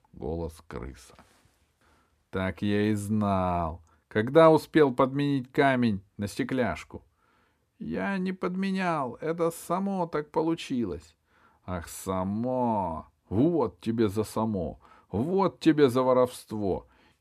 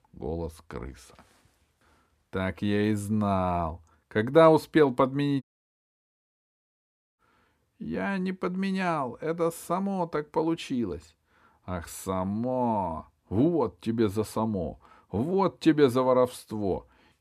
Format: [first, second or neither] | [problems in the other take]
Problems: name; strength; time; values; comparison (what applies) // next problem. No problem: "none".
first | audio cutting out; at 5.5 s for 2 s